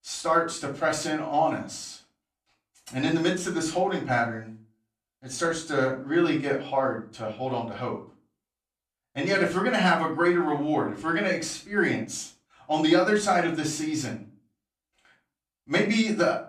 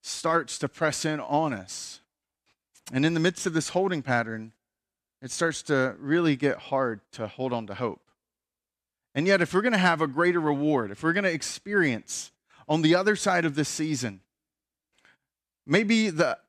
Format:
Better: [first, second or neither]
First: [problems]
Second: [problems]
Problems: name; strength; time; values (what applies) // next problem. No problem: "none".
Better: second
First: off-mic speech; far // room echo; slight; dies away in 0.3 s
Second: none